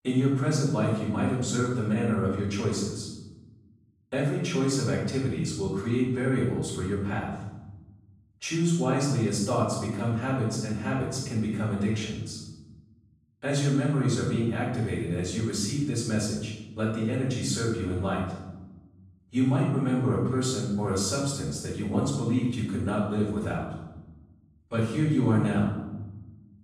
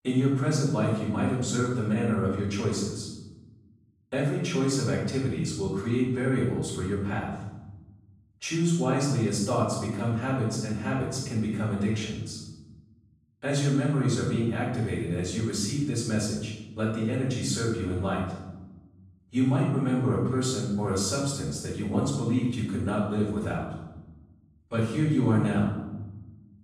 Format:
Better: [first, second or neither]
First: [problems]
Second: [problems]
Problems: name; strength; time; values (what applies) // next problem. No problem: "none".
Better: neither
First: off-mic speech; far // room echo; noticeable; dies away in 1 s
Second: off-mic speech; far // room echo; noticeable; dies away in 1 s